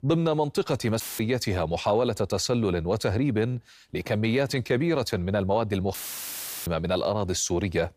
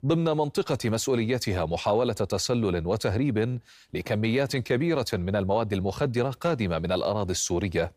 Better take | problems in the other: second | audio cutting out; filled with static; at 1 s and at 6 s for 0.5 s

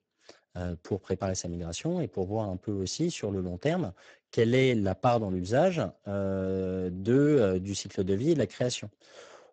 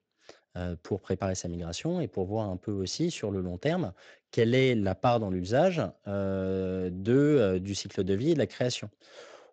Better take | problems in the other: second | garbled, watery; badly; nothing above 7.5 kHz; slightly in the second

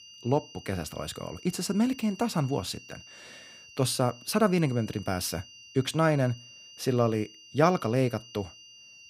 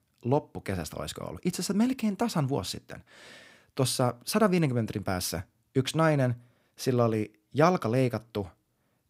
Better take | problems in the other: second | high-pitched whine; noticeable; throughout; 3 kHz, 20 dB below the speech

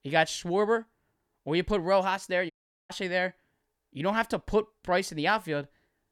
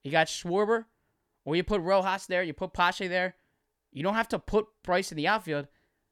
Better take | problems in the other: second | audio cutting out; at 2.5 s

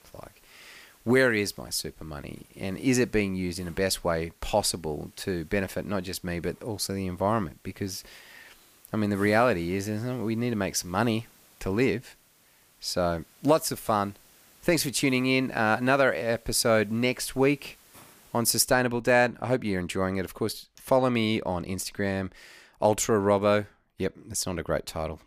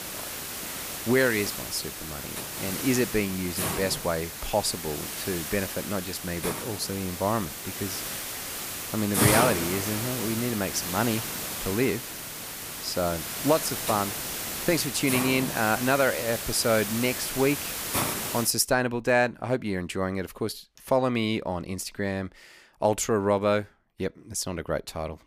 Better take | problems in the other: first | hiss; loud; until 18 s; 3 dB below the speech; faint in the first

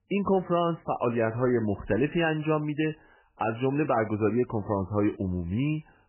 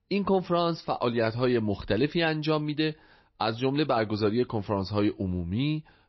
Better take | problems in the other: second | garbled, watery; badly; nothing above 3 kHz; slightly in the second

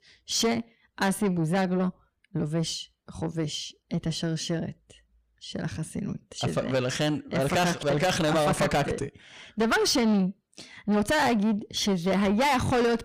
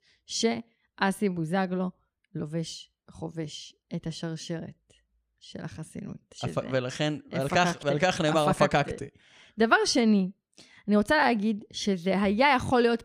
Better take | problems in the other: second | distortion; heavy; 6 dB below the speech

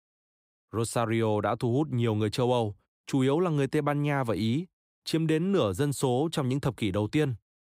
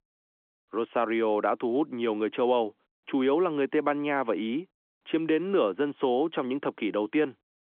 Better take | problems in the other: first | phone-call audio; nothing above 3.5 kHz

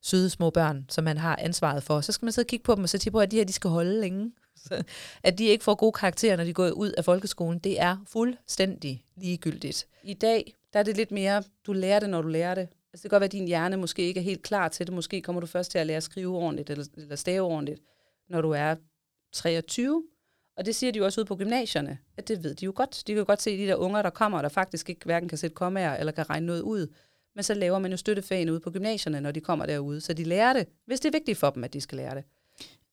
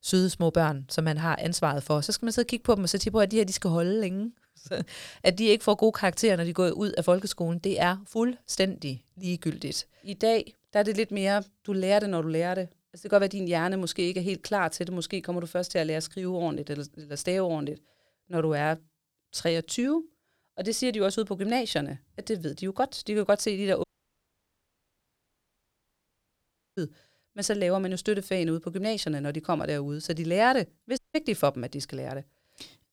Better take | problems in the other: first | audio cutting out; at 24 s for 3 s and at 31 s

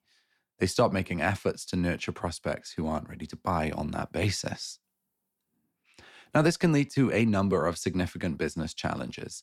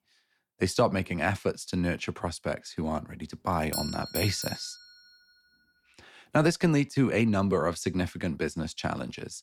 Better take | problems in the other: first | doorbell; noticeable; from 3.5 to 5 s; peak 4 dB below the speech

